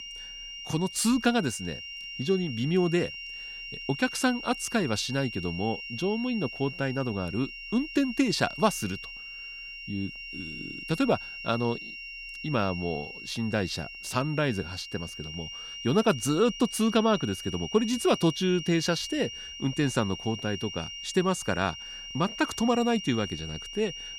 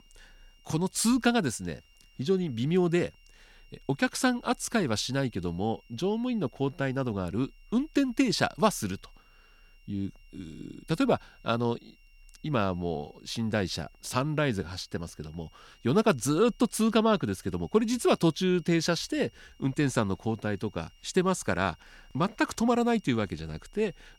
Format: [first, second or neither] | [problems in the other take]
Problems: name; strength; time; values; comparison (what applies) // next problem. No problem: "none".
second | high-pitched whine; loud; throughout; 3 kHz, 9 dB below the speech; faint in the second